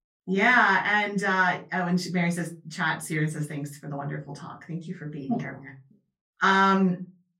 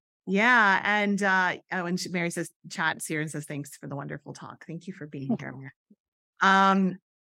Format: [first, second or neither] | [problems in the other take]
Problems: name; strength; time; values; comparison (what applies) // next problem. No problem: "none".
second | off-mic speech; far // room echo; very slight; dies away in 0.2 s